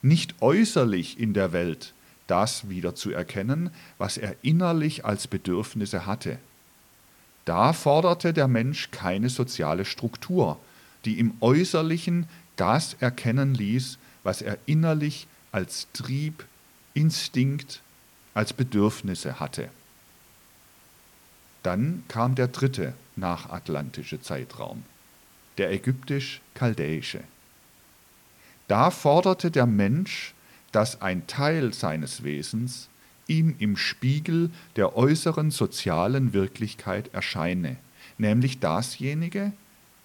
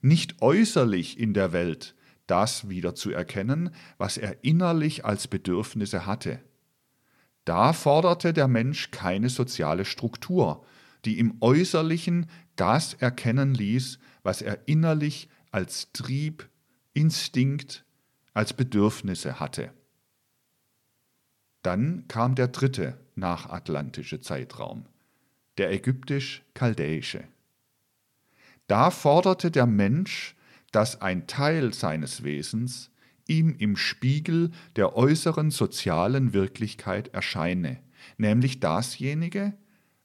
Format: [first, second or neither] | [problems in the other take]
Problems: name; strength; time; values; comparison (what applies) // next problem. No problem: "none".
second | hiss; faint; throughout; 30 dB below the speech